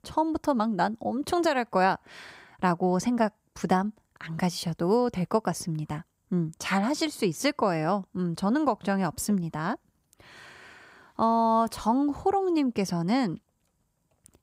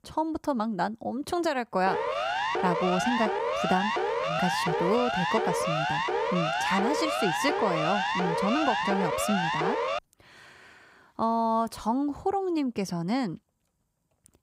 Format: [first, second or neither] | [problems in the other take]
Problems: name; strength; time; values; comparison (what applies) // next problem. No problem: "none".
first | siren; loud; from 2 to 10 s; peak 2 dB above the speech